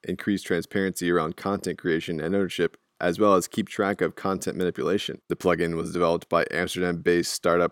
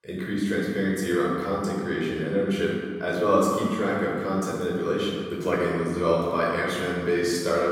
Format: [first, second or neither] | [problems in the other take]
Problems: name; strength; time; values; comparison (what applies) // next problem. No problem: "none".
first | off-mic speech; far // room echo; strong; dies away in 1.7 s